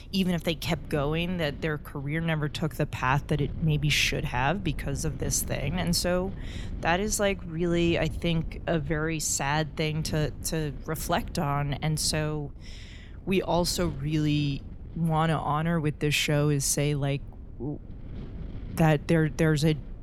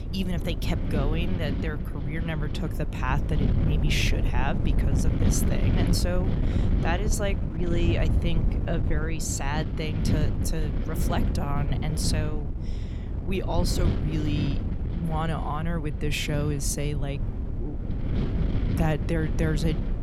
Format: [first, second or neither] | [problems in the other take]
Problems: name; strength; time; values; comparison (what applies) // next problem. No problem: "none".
first | wind noise on the microphone; heavy; 5 dB below the speech; occasional gusts in the first